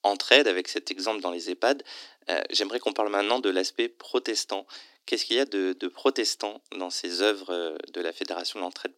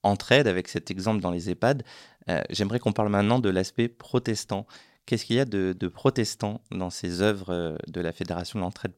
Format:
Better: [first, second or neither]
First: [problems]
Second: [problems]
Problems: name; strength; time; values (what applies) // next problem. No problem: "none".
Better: second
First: thin; somewhat; fading below 300 Hz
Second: none